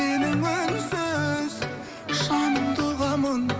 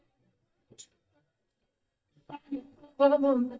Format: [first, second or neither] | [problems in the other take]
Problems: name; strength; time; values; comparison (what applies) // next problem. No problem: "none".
first | noise reduction (neural mask model DeepFilterNet 3)